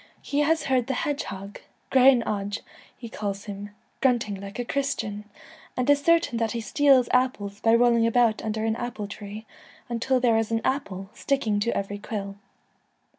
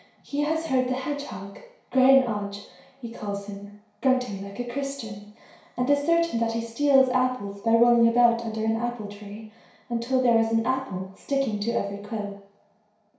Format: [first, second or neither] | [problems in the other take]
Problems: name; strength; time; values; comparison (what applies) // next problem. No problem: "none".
first | room echo; dies away in 0.6 s